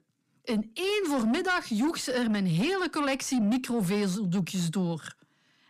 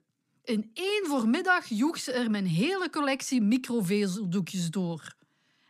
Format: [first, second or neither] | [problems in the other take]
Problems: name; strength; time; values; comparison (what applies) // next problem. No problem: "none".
second | distortion; slight; 10 dB below the speech